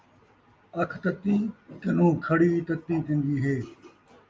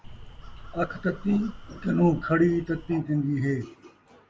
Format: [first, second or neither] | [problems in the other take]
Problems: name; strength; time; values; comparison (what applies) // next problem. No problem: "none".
first | background sound (Crow); 15 dB below the speech